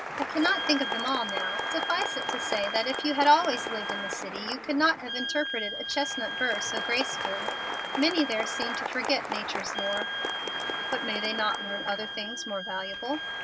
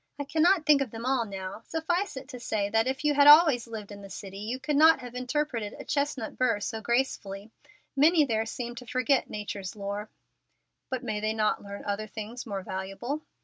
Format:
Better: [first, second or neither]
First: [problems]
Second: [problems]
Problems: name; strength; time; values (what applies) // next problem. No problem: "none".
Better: second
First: background sound (Applause + Wind instrument, woodwind instrument); 3 dB below the speech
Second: none